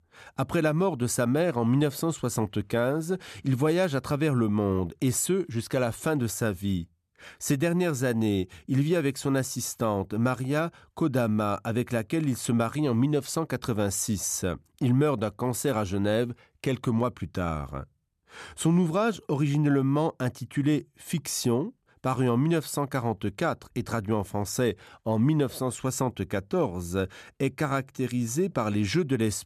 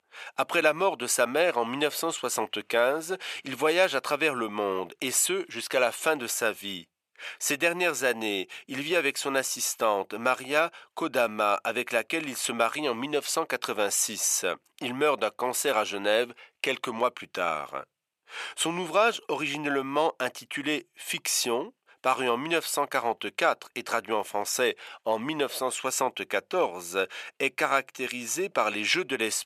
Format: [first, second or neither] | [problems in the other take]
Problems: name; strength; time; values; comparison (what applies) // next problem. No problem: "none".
first | thin; very; fading below 600 Hz